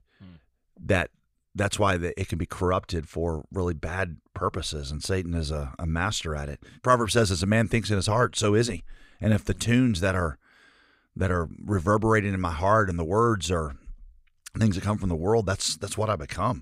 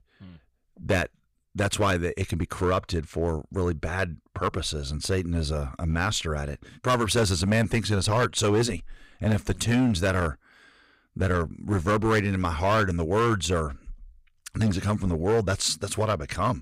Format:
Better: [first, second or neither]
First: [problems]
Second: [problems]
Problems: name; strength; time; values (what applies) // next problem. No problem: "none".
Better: first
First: none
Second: distortion; slight; 6% of the sound clipped